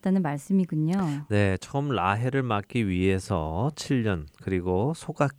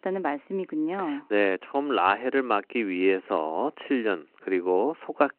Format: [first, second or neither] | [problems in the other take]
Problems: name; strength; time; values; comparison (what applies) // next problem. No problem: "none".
first | phone-call audio